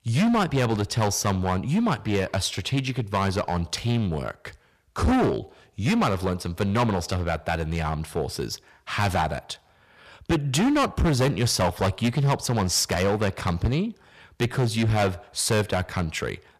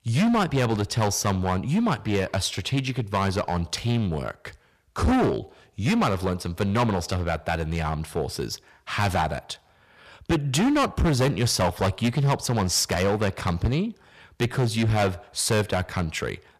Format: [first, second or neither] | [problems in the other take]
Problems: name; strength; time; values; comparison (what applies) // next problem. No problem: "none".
neither | distortion; heavy; 11% of the sound clipped; the same in both